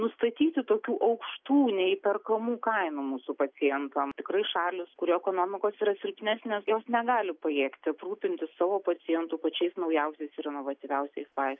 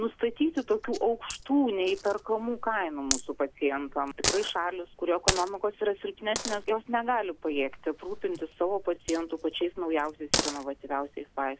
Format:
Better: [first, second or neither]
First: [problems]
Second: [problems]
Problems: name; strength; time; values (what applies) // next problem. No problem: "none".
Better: first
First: none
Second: background sound (Coin (dropping)); 8 dB below the speech